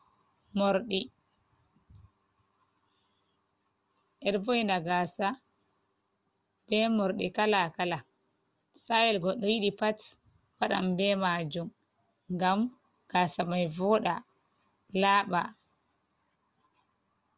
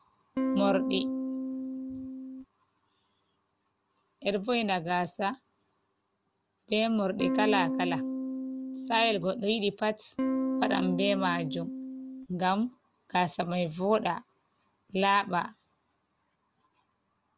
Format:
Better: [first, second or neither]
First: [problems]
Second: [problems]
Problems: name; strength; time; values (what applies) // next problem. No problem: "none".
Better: first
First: none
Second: background sound (Electric guitar / Strum); as loud as the speech